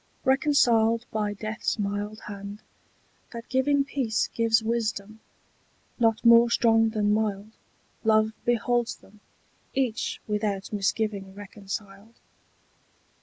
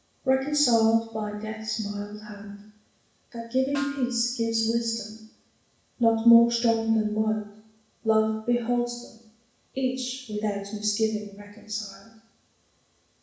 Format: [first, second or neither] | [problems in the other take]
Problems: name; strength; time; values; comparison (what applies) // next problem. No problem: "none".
first | background sound (Snare drum); 17 dB below the speech // room echo; dies away in 0.7 s